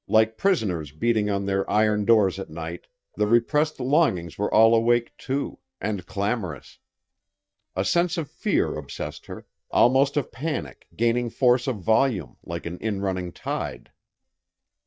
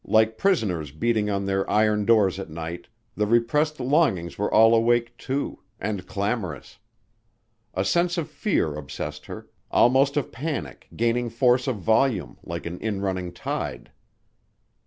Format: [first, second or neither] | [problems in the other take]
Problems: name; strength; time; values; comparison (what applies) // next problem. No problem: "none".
second | noise reduction (neural mask model DeepFilterNet 3)